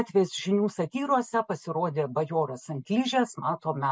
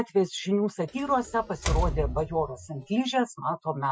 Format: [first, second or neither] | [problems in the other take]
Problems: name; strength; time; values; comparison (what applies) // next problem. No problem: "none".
first | noise reduction (classical method Wiener filter)